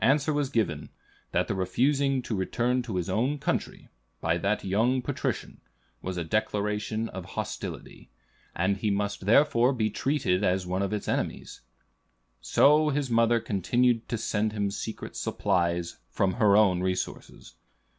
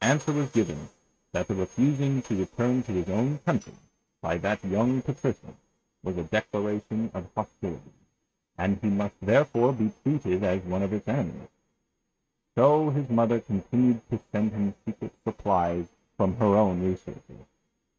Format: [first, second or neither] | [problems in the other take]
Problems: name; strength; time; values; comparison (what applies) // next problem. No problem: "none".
first | noise reduction (neural mask model RNNoise)